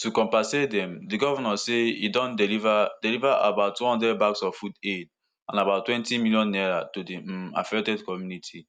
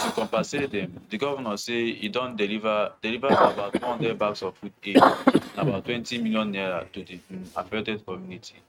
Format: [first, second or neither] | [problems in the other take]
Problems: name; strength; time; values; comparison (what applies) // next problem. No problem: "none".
first | noise reduction (neural mask model RNNoise)